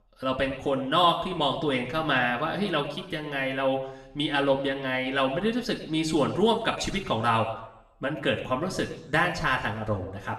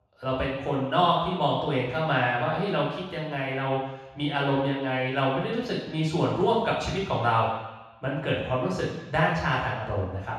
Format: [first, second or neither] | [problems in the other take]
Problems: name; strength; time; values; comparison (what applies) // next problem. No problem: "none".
first | room echo; strong; dies away in 1.1 s; slight in the first // off-mic speech; far; somewhat distant in the first